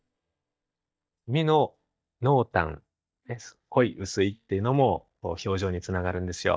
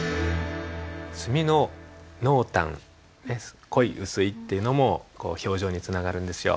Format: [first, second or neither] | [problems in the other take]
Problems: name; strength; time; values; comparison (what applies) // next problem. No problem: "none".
second | noise reduction (neural mask model DeepFilterNet 3)